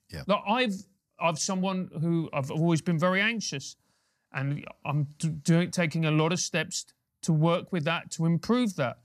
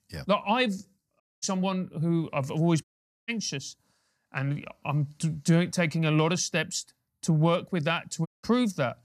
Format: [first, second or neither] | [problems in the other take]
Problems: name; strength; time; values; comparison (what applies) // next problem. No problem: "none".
first | audio cutting out; at 1 s, at 3 s and at 8.5 s